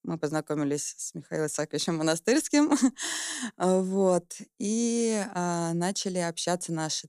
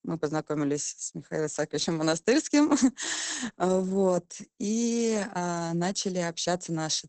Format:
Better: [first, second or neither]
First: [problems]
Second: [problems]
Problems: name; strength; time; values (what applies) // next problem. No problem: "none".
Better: first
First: none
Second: garbled, watery; badly; nothing above 8 kHz